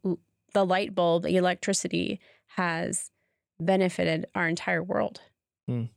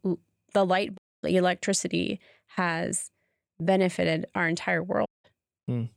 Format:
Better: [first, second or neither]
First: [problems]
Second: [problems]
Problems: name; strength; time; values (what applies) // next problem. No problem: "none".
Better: first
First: none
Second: audio cutting out; at 1 s and at 5 s